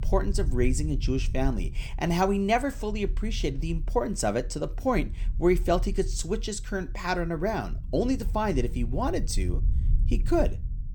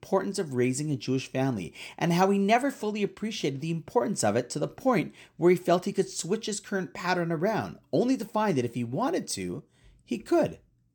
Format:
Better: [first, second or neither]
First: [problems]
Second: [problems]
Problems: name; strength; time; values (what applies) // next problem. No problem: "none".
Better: second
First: low rumble; faint; throughout; 20 dB below the speech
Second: none